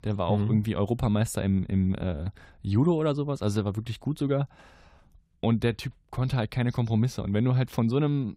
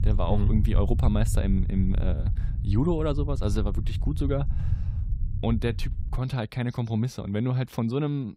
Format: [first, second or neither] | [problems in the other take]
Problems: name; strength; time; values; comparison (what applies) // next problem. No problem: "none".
first | low rumble; noticeable; until 6 s; 15 dB below the speech